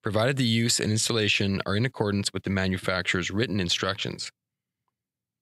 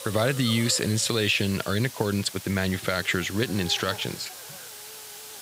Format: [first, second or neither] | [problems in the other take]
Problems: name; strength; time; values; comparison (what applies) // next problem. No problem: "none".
first | hiss; noticeable; throughout; 15 dB below the speech